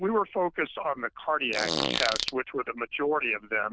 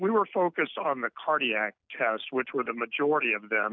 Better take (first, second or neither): second